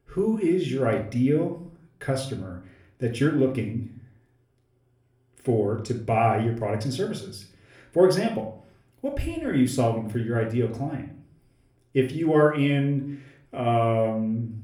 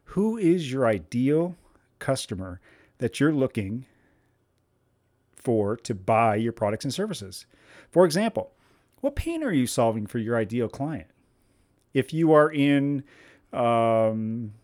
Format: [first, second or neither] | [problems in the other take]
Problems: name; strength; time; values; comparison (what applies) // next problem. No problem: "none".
second | off-mic speech; somewhat distant // room echo; slight; dies away in 0.4 s